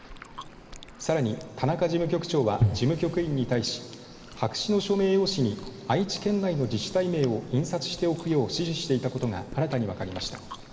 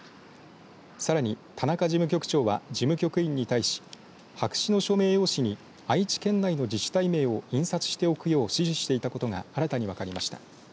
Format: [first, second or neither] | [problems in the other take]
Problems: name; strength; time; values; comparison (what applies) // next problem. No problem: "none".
second | background sound (Chewing, mastication); 11 dB below the speech // room echo; dies away in 2.5 s